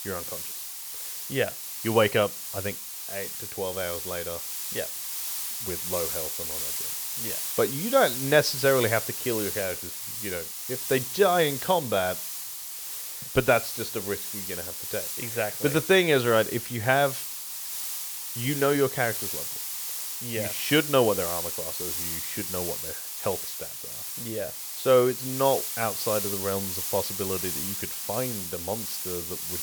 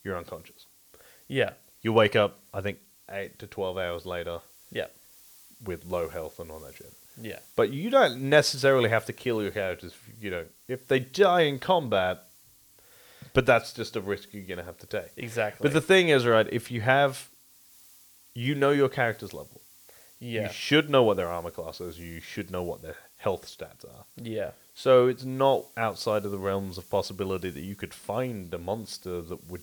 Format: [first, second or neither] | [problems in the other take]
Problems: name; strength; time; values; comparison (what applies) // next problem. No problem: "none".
second | hiss; loud; throughout; 4 dB below the speech; faint in the second